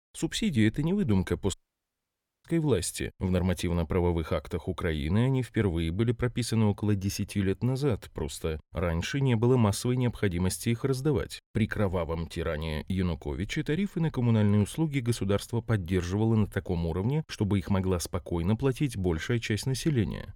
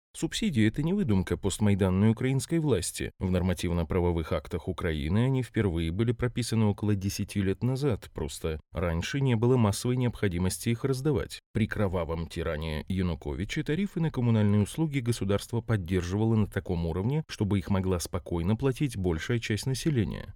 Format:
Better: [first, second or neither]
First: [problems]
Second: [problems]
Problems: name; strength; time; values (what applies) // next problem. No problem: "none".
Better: second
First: audio cutting out; at 1.5 s for 1 s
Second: none